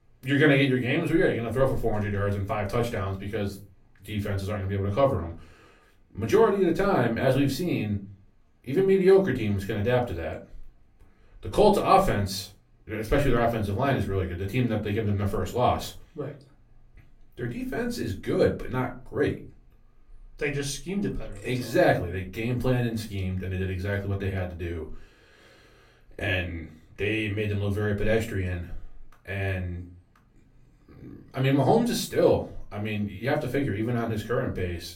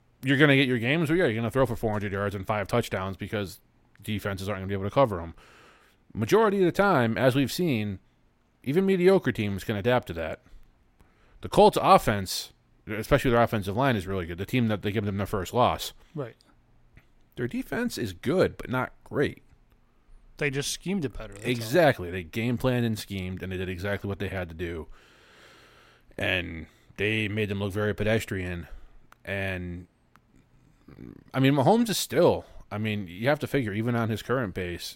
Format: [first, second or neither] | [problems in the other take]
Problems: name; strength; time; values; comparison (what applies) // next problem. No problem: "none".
second | off-mic speech; far // room echo; very slight; dies away in 0.3 s